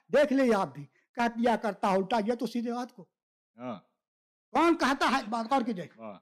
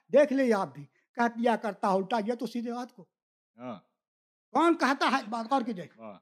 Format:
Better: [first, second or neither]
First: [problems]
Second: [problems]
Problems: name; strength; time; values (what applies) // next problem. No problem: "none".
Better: second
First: distortion; slight; 4% of the sound clipped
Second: none